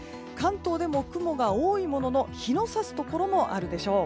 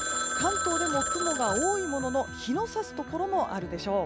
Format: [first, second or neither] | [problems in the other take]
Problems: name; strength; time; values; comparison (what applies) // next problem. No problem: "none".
first | background sound (Telephone); 3 dB below the speech